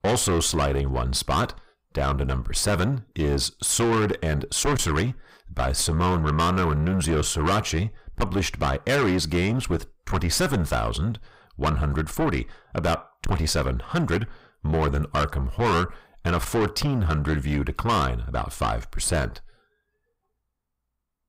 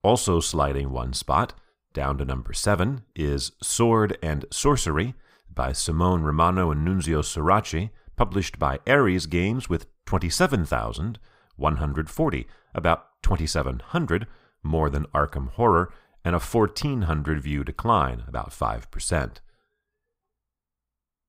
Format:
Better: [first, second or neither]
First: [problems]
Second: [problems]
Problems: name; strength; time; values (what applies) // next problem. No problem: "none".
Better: second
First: distortion; heavy; 6 dB below the speech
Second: none